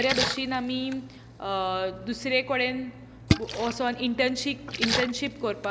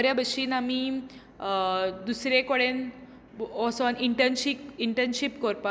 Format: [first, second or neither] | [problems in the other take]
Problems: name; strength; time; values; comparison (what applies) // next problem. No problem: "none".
second | background sound (Splash, splatter); 4 dB below the speech